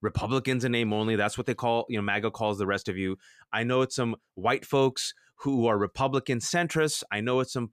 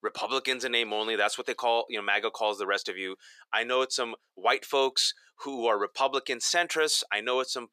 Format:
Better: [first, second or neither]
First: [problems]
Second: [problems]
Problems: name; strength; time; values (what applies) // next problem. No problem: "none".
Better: first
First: none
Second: thin; very; fading below 450 Hz